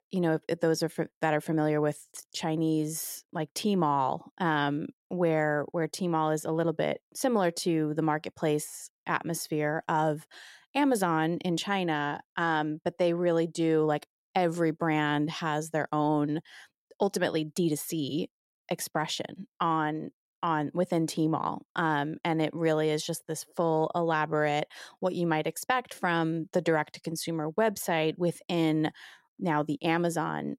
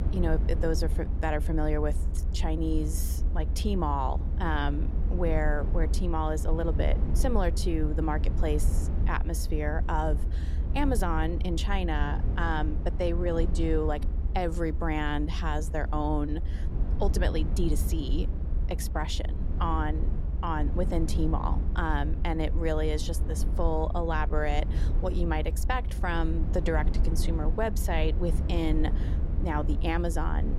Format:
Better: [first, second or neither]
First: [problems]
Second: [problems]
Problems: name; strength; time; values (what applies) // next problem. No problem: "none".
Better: first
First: none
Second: low rumble; noticeable; throughout; 10 dB below the speech